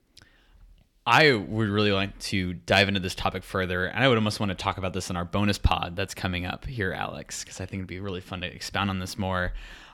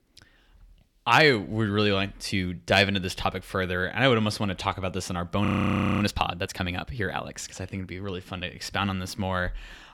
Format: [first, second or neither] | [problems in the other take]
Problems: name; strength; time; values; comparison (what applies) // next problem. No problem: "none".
first | audio freezing; at 5.5 s for 0.5 s